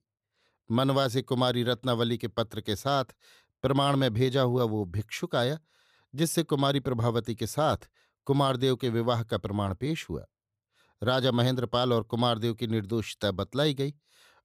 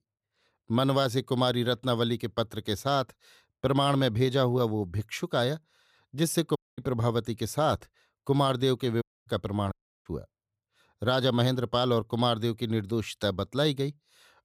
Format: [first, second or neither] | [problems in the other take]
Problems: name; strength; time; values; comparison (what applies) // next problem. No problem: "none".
first | audio cutting out; at 6.5 s, at 9 s and at 9.5 s